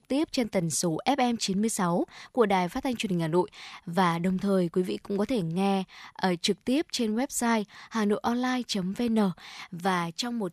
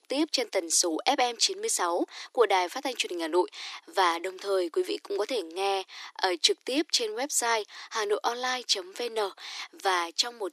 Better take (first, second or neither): first